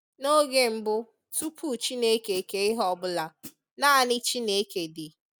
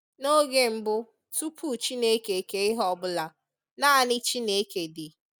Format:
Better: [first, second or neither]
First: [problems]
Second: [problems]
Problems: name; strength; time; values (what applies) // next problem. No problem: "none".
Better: second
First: background sound (Hi-hat); 20 dB below the speech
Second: none